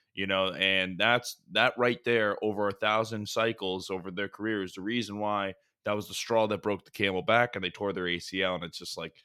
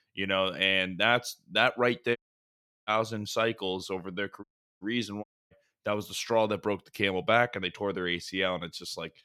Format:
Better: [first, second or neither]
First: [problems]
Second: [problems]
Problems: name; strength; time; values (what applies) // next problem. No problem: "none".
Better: first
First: none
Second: audio cutting out; at 2 s for 0.5 s, at 4.5 s and at 5 s